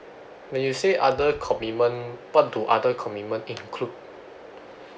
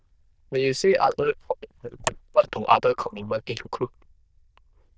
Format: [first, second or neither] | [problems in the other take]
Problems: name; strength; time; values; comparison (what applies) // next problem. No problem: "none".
first | noise reduction (neural diffusion model UNIVERSE++)